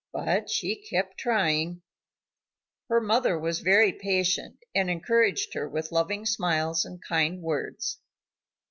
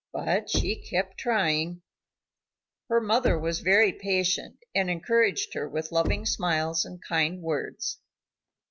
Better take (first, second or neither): first